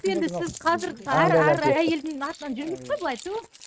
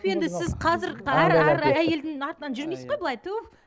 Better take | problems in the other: second | noise reduction (neural mask model RNNoise)

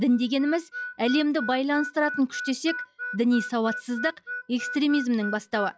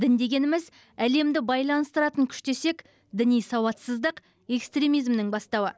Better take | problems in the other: second | noise reduction (classical method log-MMSE)

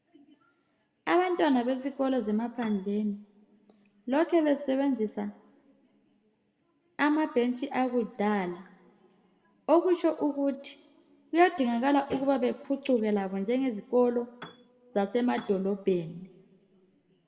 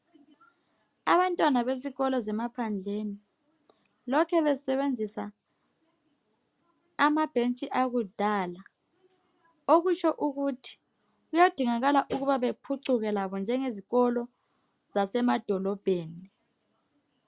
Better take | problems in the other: second | background sound (Piano); 18 dB below the speech // room echo; dies away in 0.9 s

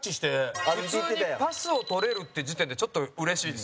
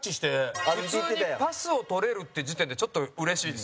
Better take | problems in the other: second | background sound (Alarm); 15 dB below the speech

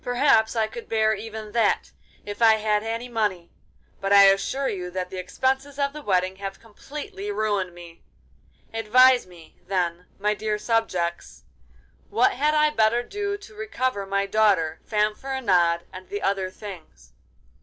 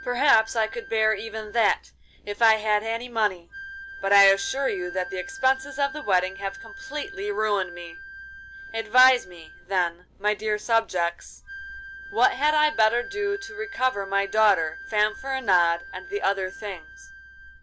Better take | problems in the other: first | background sound (Wind instrument, woodwind instrument); 15 dB below the speech

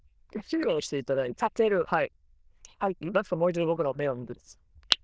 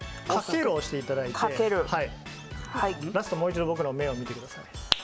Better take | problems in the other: second | noise reduction (neural diffusion model UNIVERSE++)

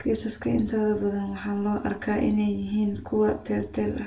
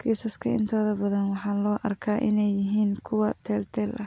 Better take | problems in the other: second | room echo; dies away in 0.3 s

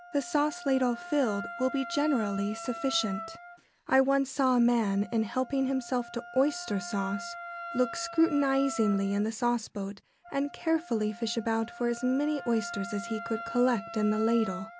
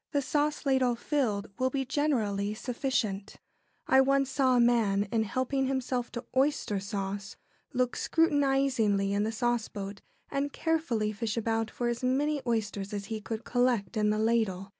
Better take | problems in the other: second | background sound (Wind instrument, woodwind instrument); 13 dB below the speech

